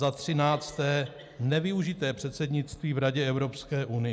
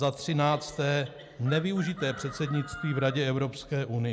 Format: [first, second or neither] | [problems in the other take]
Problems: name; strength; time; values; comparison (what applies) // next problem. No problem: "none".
first | background sound (Chicken, rooster); 14 dB below the speech